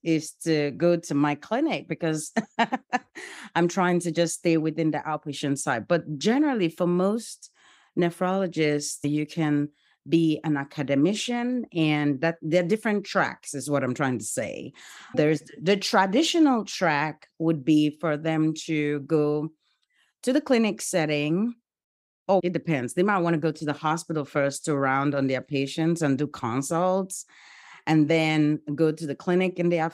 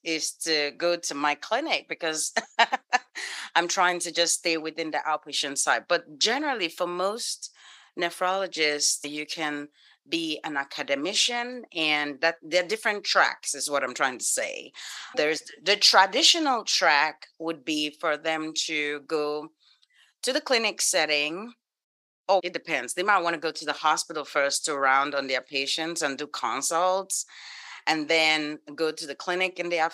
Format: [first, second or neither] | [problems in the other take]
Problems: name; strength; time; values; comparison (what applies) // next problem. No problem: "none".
first | thin; very; fading below 700 Hz